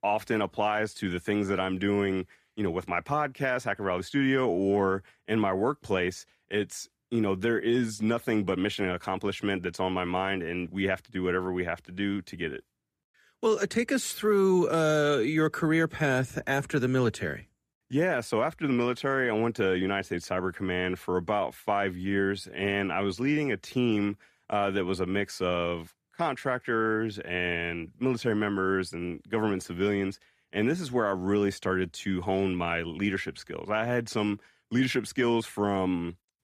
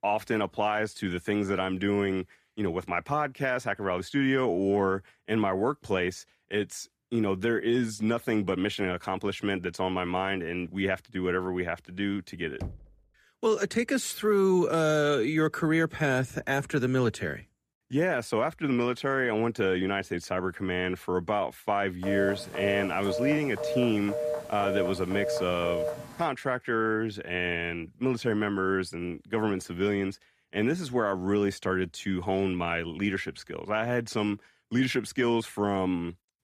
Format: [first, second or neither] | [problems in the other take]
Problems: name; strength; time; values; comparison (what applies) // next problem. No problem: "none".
first | door banging; faint; at 13 s; peak 10 dB below the speech // phone ringing; noticeable; from 22 to 26 s; peak 3 dB below the speech